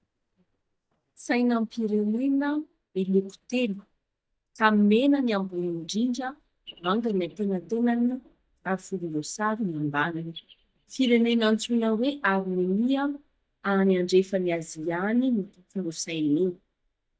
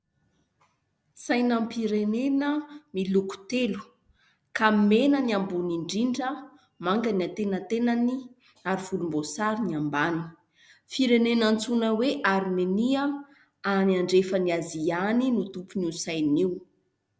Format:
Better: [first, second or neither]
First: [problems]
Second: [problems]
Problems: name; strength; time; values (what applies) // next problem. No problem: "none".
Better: second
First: noise reduction (neural mask model DeepFilterNet 3)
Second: none